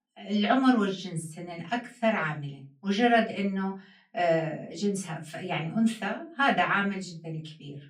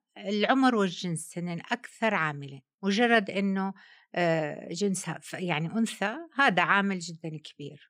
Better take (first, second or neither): second